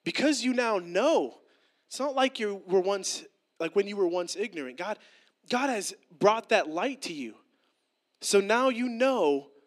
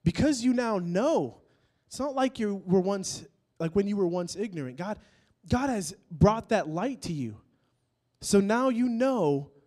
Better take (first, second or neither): second